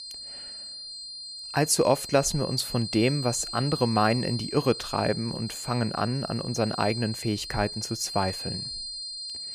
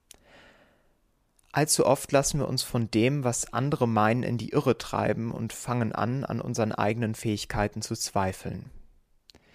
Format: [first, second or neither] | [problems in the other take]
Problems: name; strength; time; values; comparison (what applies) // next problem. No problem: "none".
second | high-pitched whine; loud; throughout; 4 kHz, 8 dB below the speech